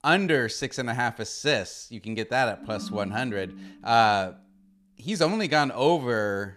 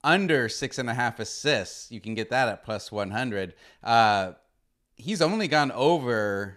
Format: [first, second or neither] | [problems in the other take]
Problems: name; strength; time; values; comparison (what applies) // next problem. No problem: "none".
second | phone ringing; faint; from 2.5 to 4.5 s; peak 10 dB below the speech